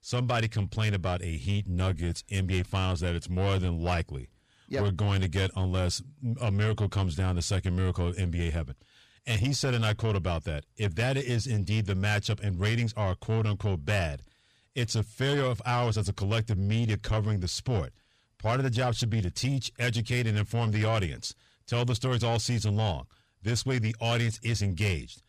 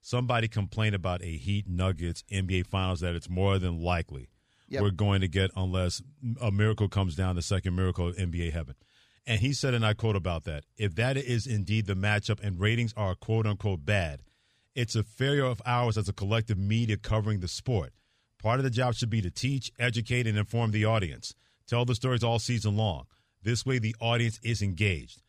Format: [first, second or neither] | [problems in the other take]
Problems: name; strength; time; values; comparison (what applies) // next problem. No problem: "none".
second | distortion; slight; 10 dB below the speech